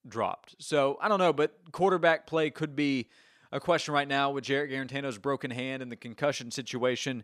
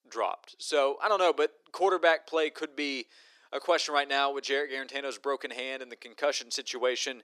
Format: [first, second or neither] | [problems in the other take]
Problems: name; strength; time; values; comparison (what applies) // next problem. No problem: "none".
first | thin; somewhat; fading below 350 Hz